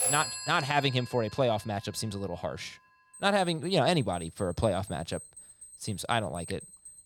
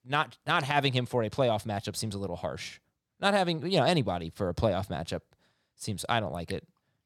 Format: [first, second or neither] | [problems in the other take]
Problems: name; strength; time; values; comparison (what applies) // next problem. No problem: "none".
second | alarms or sirens; noticeable; throughout; 10 dB below the speech